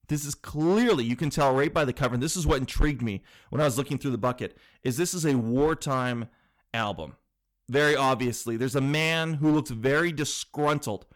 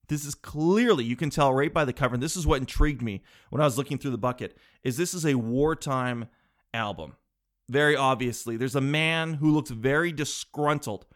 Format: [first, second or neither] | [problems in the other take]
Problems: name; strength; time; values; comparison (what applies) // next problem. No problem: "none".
second | distortion; slight; 5% of the sound clipped